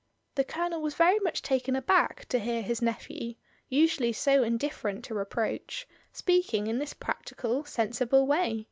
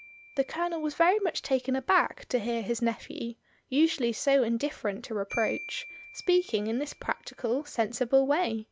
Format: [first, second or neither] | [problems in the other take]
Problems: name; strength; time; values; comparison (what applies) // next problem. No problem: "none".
first | background sound (Marimba, xylophone); 20 dB below the speech